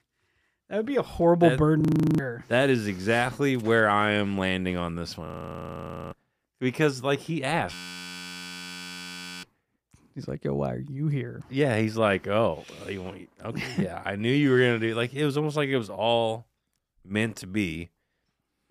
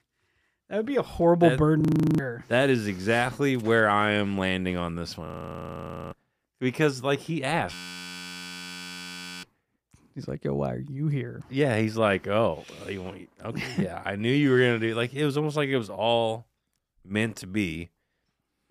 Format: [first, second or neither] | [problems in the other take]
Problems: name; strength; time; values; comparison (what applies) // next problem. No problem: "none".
neither | audio freezing; at 2 s, at 5.5 s for 1 s and at 7.5 s for 1.5 s; the same in both